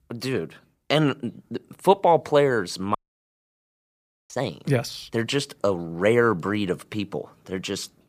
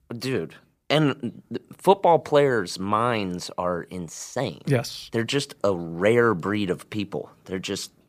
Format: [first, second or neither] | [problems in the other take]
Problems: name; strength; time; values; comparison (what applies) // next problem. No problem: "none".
second | audio cutting out; at 3 s for 1.5 s